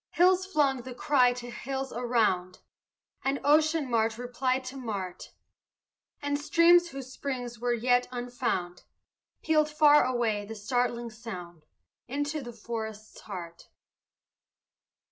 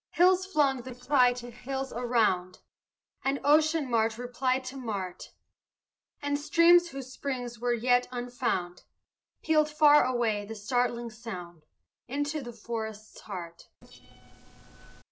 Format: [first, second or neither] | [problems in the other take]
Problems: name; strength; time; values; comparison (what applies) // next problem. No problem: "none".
first | noise reduction (neural separator model SepFormer DNS4)